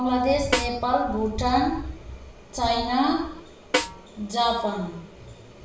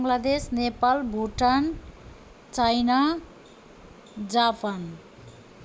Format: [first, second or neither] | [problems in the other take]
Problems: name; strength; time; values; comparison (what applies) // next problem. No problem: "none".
second | background sound (Snare drum); 5 dB below the speech // room echo; dies away in 0.7 s